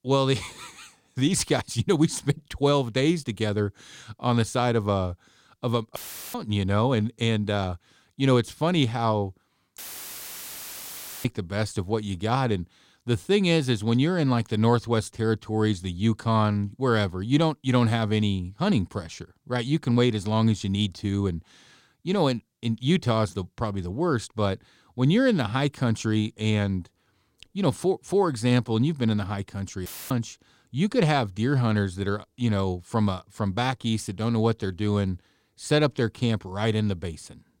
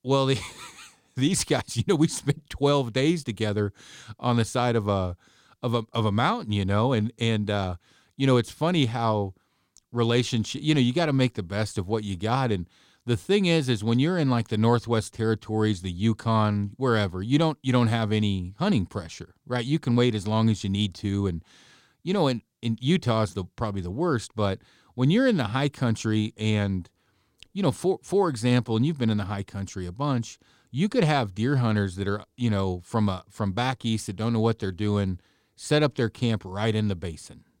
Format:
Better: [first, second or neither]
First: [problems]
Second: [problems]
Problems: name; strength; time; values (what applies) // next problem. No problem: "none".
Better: second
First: audio cutting out; filled with static; at 6 s, at 10 s for 1.5 s and at 30 s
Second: none